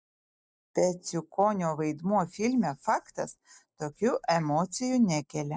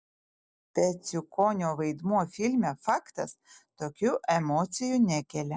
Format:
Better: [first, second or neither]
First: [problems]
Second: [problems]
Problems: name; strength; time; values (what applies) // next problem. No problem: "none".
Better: second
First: noise reduction (neural mask model DeepFilterNet 3)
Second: none